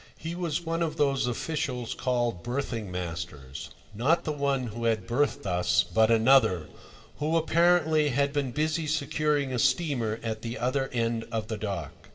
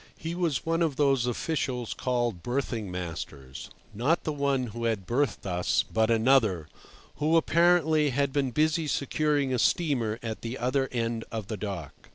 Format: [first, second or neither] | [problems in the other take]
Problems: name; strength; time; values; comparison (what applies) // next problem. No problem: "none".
second | room echo; dies away in 1.1 s